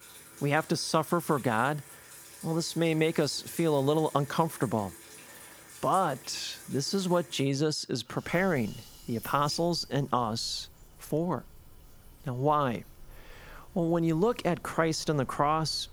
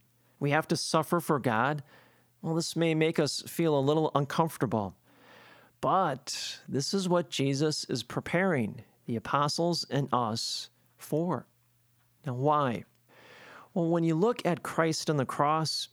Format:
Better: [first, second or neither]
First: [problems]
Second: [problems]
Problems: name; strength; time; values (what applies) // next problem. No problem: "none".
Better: second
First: household noises; noticeable; throughout; 20 dB below the speech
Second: none